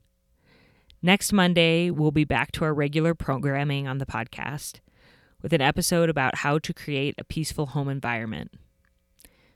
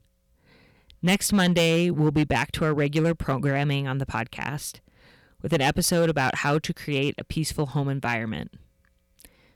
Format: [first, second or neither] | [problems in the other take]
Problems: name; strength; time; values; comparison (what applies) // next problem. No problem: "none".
first | distortion; slight; 4% of the sound clipped